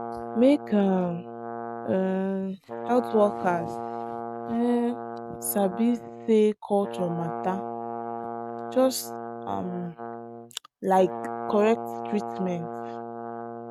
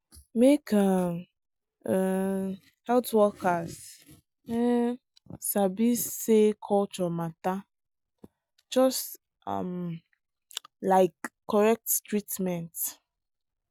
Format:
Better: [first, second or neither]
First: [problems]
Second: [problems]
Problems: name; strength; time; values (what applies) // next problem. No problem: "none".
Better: second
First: noise reduction (neural mask model RNNoise)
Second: none